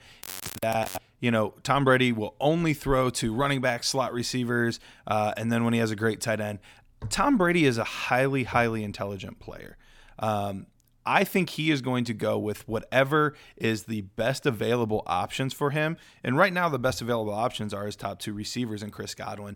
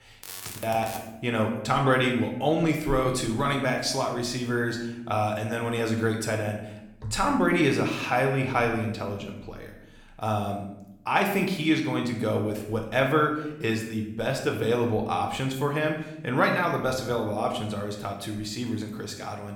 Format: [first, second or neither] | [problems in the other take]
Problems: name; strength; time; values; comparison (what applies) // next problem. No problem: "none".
first | room echo; noticeable; dies away in 0.7 s // off-mic speech; somewhat distant